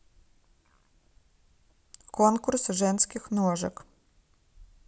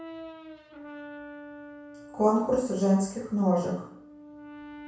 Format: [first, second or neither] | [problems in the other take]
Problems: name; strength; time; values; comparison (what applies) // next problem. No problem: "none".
first | background sound (Brass instrument); 16 dB below the speech // room echo; dies away in 0.6 s